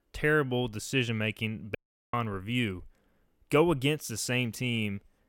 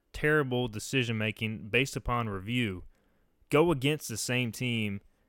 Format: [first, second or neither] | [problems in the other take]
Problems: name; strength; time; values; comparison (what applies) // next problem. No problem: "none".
second | audio cutting out; at 2 s